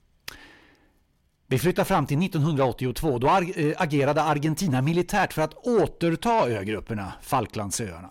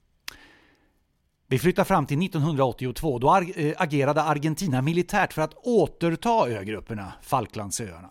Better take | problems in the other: second | distortion; slight; 10 dB below the speech

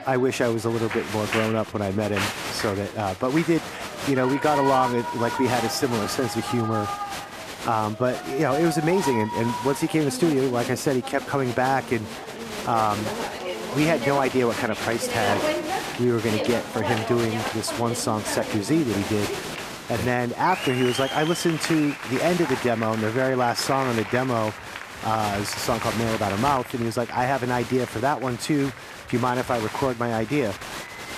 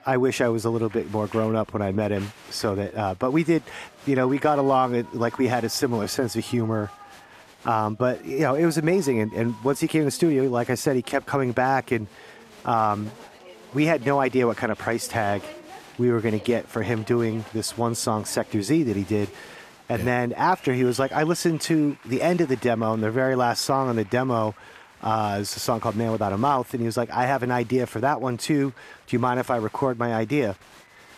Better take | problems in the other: second | crowd noise; loud; throughout; 6 dB below the speech; faint in the second

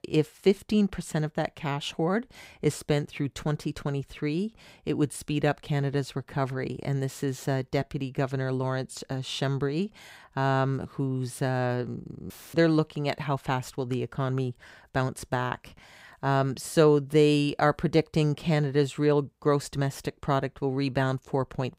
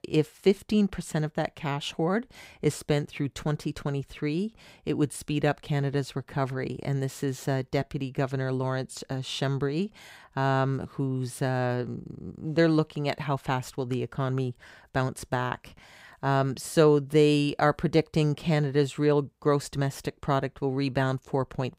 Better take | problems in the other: second | audio cutting out; filled with static; at 12 s

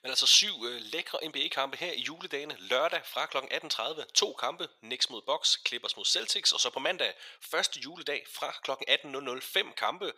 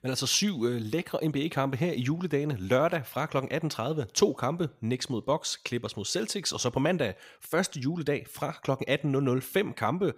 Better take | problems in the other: second | thin; very; fading below 650 Hz

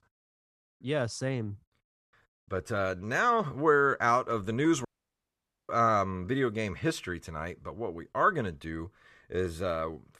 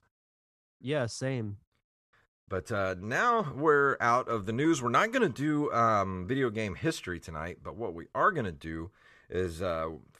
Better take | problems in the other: second | audio cutting out; at 5 s for 1 s

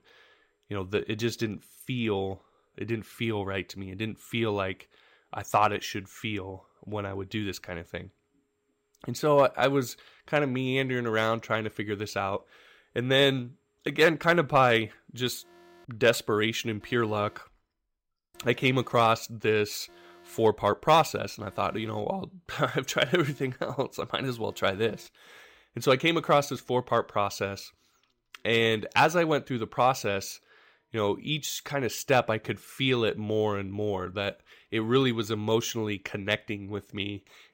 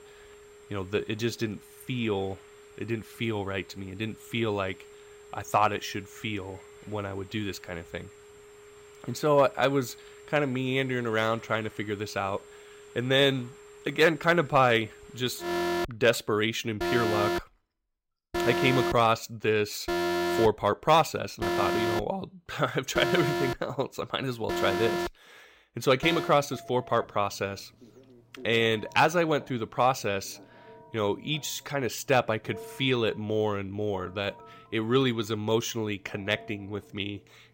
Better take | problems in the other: first | alarms or sirens; loud; throughout; 3 dB below the speech; faint in the first

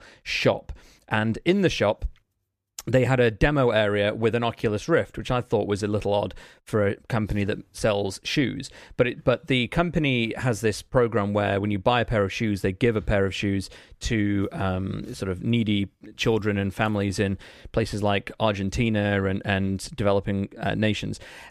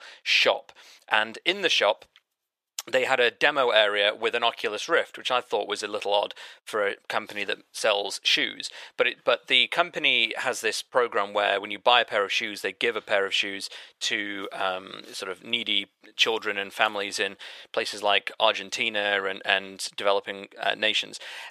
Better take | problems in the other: first | thin; very; fading below 750 Hz

